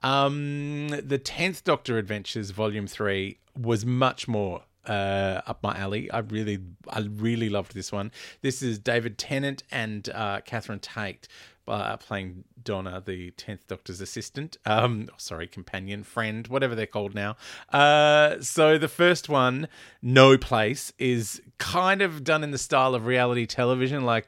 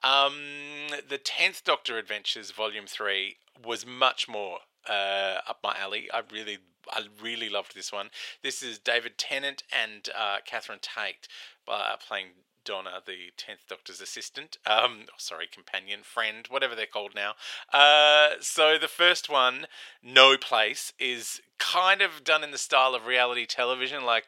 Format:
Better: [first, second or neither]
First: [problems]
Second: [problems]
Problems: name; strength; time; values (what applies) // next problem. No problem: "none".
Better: first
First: none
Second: thin; very; fading below 700 Hz